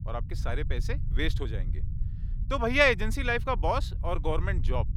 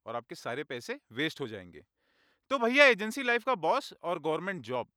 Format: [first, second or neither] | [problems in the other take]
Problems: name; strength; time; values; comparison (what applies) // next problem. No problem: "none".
second | low rumble; faint; throughout; 20 dB below the speech